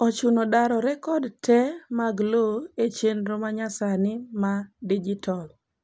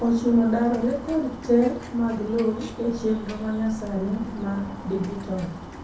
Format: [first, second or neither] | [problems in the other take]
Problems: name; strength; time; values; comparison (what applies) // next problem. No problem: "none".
first | background sound (Bird); 14 dB below the speech // room echo; dies away in 0.6 s